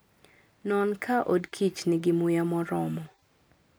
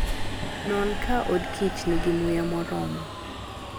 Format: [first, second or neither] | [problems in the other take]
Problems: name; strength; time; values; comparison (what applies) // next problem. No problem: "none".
first | background sound (Subway, metro, underground); 1 dB below the speech